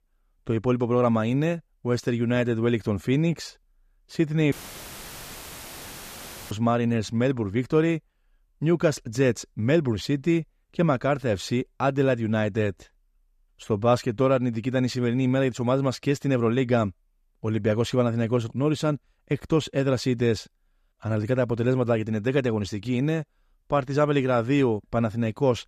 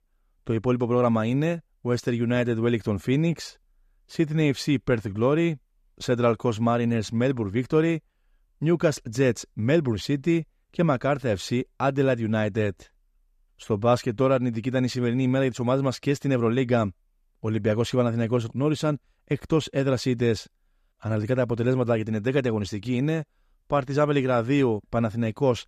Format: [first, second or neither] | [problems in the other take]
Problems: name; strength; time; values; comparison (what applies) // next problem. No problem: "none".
second | audio cutting out; filled with static; at 4.5 s for 2 s